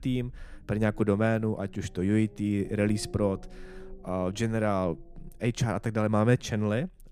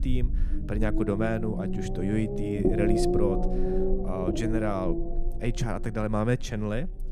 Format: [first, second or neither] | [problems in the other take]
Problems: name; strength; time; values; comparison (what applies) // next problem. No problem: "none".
first | low rumble; loud; throughout; as loud as the speech; faint in the first